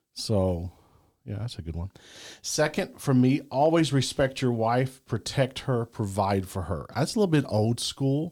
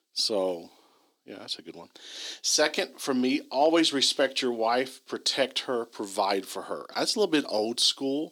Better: first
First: none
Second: thin; very slightly; fading below 300 Hz

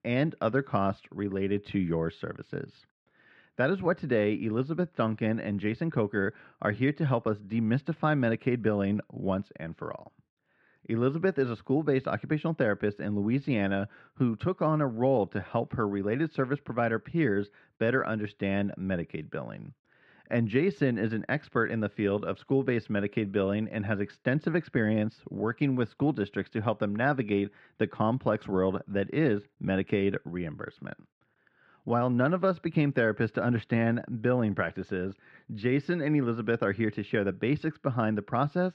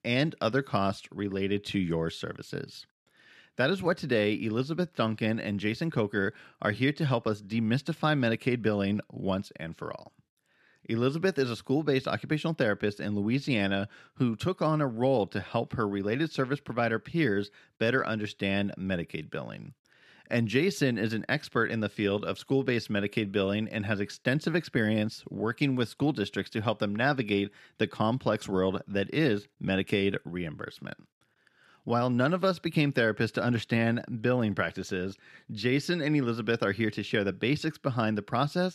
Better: second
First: muffled; very; fading above 2 kHz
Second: none

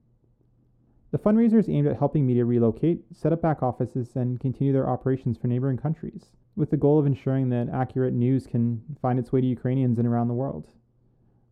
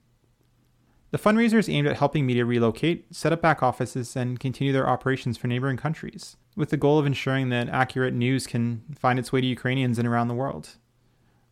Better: second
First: muffled; very; fading above 1 kHz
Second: none

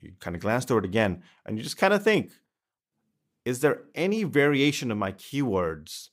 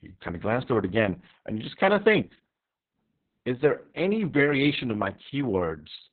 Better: first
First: none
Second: garbled, watery; badly; nothing above 4 kHz

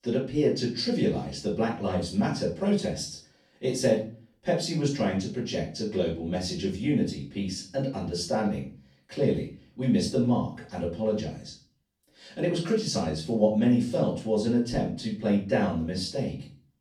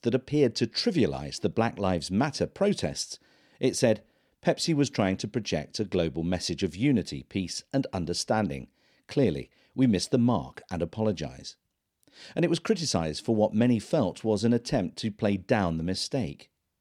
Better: second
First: room echo; slight; dies away in 0.3 s // off-mic speech; far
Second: none

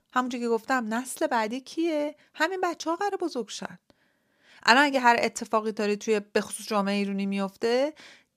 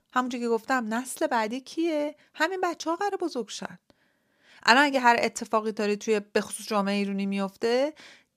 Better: neither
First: none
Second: none

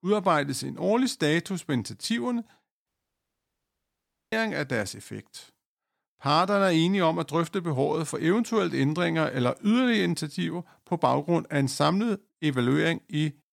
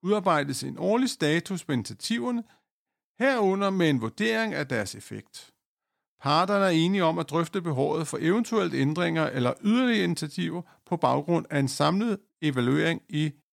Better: second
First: audio cutting out; at 3 s for 1.5 s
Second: none

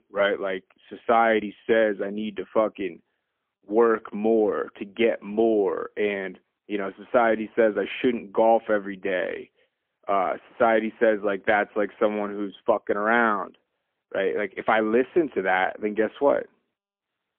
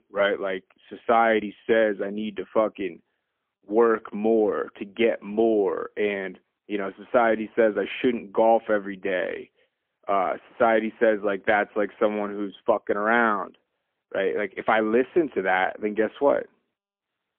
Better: neither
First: phone-call audio; poor line; nothing above 3.5 kHz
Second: phone-call audio; poor line; nothing above 3.5 kHz

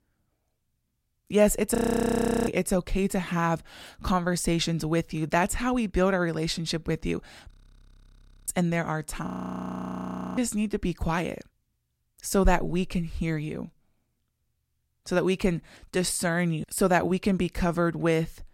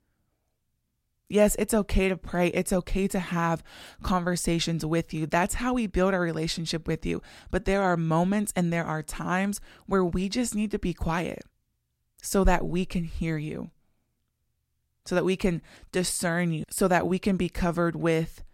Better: second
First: audio freezing; at 2 s for 0.5 s, at 7.5 s for 1 s and at 9.5 s for 1 s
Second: none

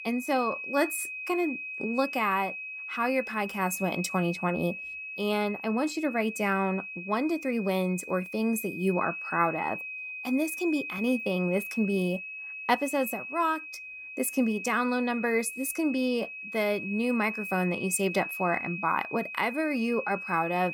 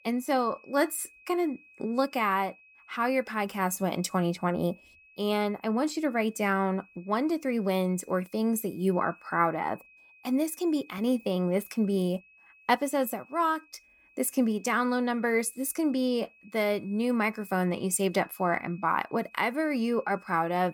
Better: second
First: high-pitched whine; loud; throughout; 2.5 kHz, 7 dB below the speech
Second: high-pitched whine; faint; throughout; 2.5 kHz, 25 dB below the speech

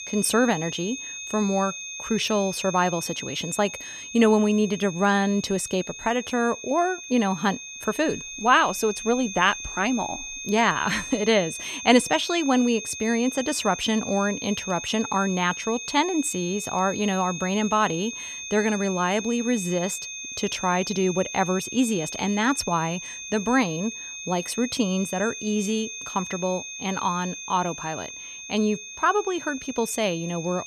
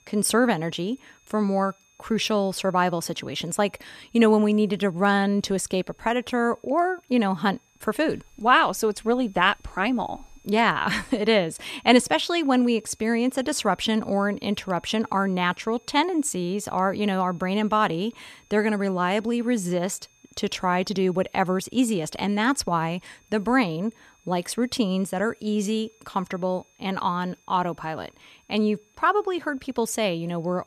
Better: second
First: high-pitched whine; loud; throughout; 6.5 kHz, 9 dB below the speech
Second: high-pitched whine; faint; throughout; 6.5 kHz, 35 dB below the speech

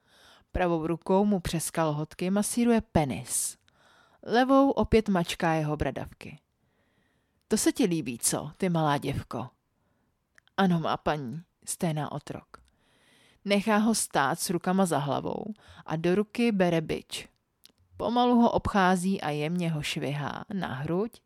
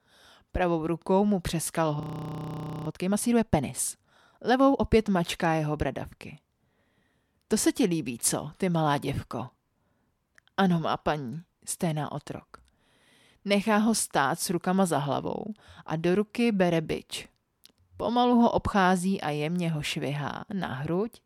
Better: first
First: none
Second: audio freezing; at 2 s for 1 s

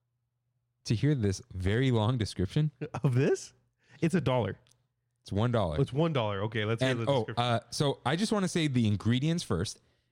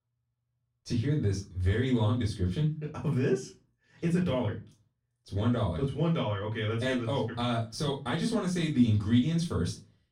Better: first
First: none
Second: off-mic speech; far // room echo; slight; dies away in 0.2 s

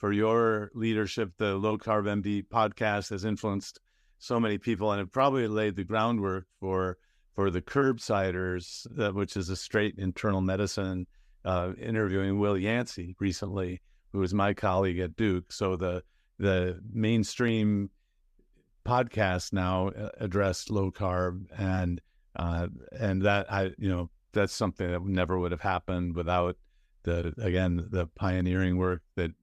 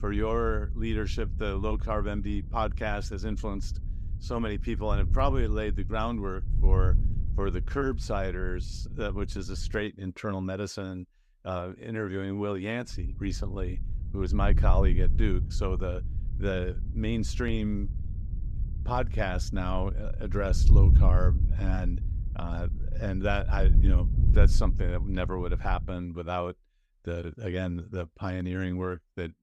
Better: first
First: none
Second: wind noise on the microphone; occasional gusts; until 10 s and from 13 to 26 s; 15 dB below the speech

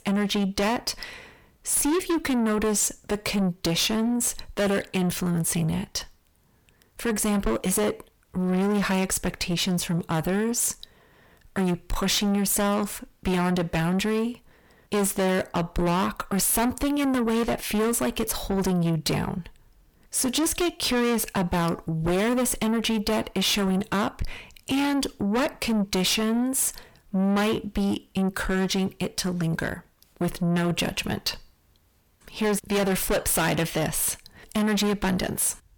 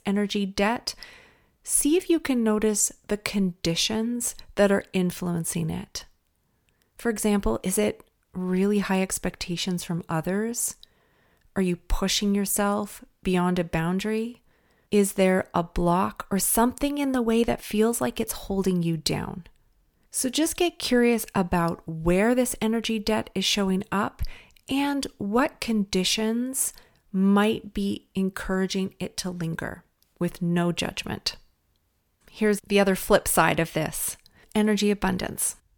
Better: second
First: distortion; heavy; 6 dB below the speech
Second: none

